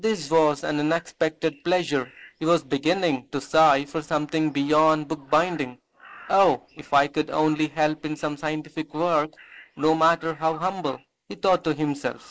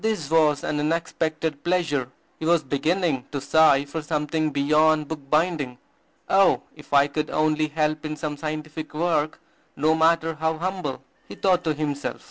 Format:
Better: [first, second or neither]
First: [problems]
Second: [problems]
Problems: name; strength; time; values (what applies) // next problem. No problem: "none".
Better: second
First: noise reduction (neural mask model Resemble Enhance denoiser)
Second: none